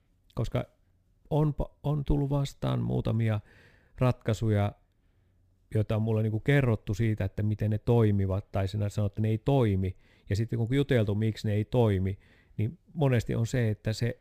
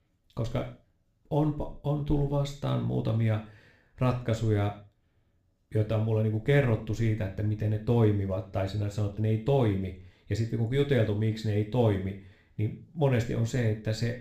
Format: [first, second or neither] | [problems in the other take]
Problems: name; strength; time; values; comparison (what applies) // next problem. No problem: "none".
first | room echo; slight; dies away in 0.4 s // off-mic speech; somewhat distant